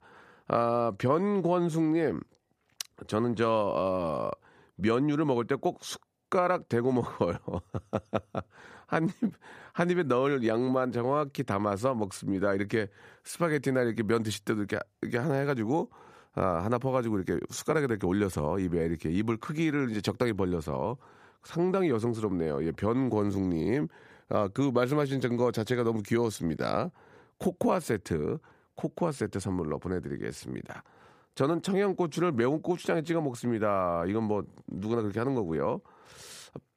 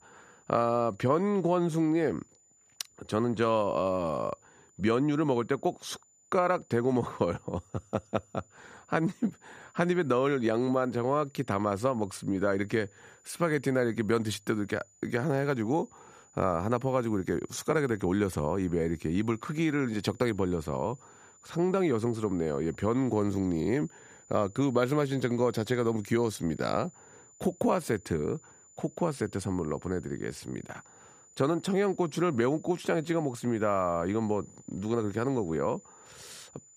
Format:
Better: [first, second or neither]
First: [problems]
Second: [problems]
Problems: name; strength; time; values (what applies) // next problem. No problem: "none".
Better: first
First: none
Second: high-pitched whine; faint; throughout; 7 kHz, 25 dB below the speech